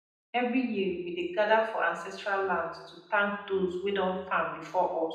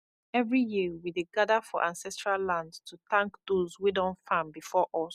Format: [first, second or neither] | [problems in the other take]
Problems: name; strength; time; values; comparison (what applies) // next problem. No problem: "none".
second | room echo; dies away in 0.8 s